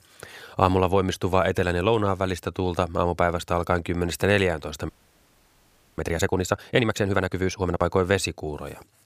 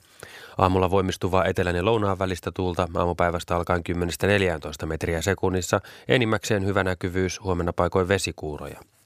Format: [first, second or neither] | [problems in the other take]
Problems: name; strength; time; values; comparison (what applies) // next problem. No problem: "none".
second | audio freezing; at 5 s for 1 s